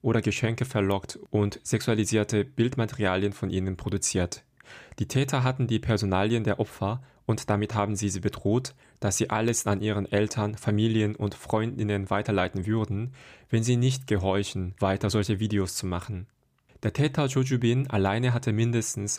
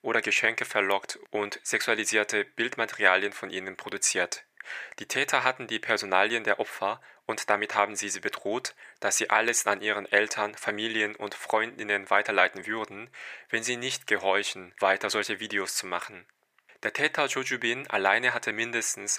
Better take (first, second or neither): first